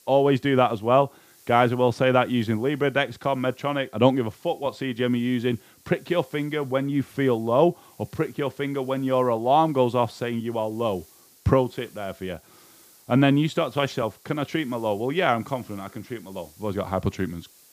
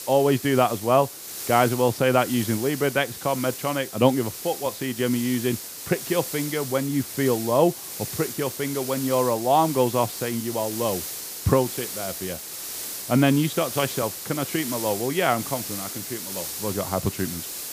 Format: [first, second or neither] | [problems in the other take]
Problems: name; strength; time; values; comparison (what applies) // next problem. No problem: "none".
first | hiss; loud; throughout; 8 dB below the speech; faint in the first